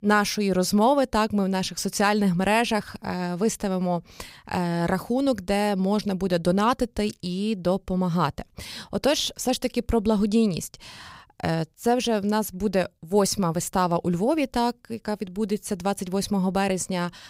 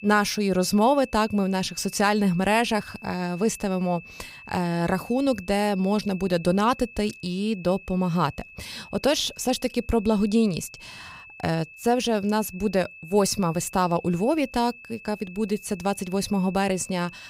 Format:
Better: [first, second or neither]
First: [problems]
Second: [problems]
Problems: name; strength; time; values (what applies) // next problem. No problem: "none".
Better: first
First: none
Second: high-pitched whine; noticeable; throughout; 2.5 kHz, 20 dB below the speech